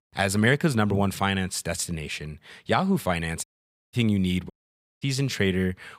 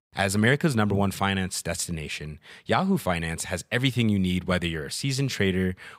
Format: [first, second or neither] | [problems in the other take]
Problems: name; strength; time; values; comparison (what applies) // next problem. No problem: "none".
second | audio cutting out; at 3.5 s and at 4.5 s for 0.5 s